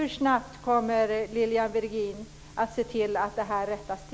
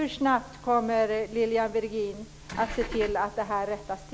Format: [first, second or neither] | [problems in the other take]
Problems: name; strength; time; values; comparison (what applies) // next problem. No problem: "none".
first | background sound (Engine / Car); 8 dB below the speech